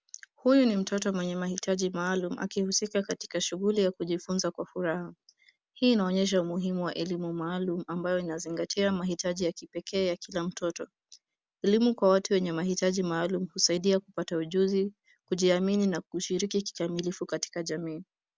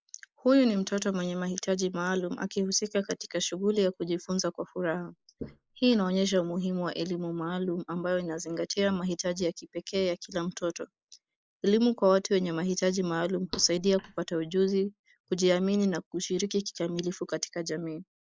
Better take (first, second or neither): first